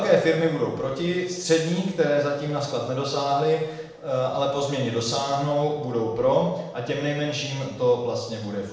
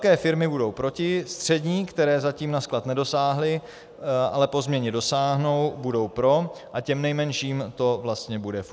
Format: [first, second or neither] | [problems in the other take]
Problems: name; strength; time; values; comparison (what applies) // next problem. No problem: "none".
second | room echo; dies away in 0.9 s